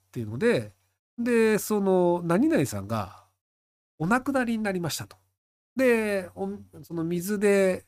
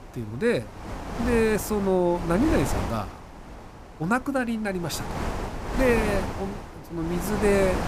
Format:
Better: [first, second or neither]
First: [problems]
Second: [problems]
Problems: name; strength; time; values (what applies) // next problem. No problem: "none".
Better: first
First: none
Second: wind noise on the microphone; heavy; 6 dB below the speech